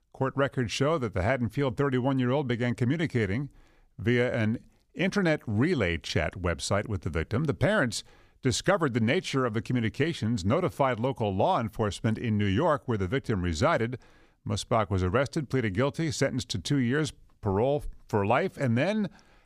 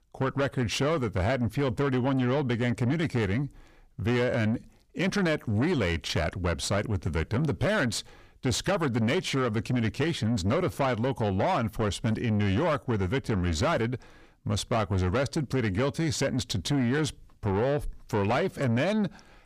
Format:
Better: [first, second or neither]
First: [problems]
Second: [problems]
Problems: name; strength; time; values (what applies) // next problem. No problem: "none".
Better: first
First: none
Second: distortion; slight; 10 dB below the speech